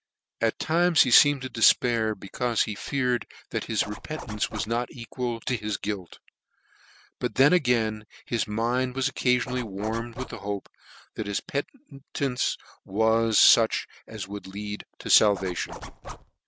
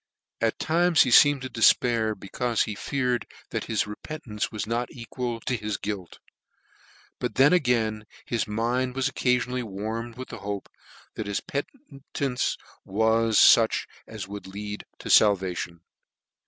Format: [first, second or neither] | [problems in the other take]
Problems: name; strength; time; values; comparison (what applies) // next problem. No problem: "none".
second | background sound (Zipper (clothing)); 12 dB below the speech